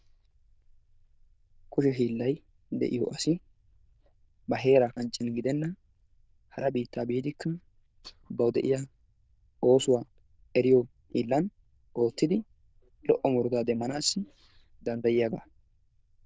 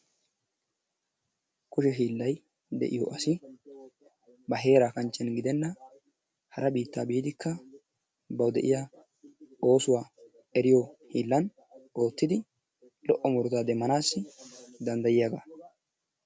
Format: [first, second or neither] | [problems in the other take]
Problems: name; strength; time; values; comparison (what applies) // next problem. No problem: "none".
second | noise reduction (neural diffusion model UNIVERSE++)